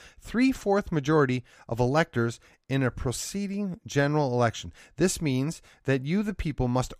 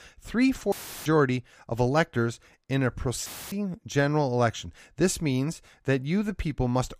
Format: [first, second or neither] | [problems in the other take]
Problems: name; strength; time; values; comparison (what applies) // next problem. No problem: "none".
first | audio cutting out; filled with static; at 0.5 s and at 3.5 s